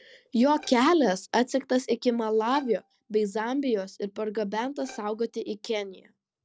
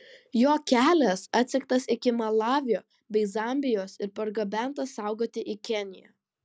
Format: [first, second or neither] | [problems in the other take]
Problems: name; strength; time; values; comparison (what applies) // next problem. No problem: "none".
second | noise reduction (neural separator model SepFormer DNS4)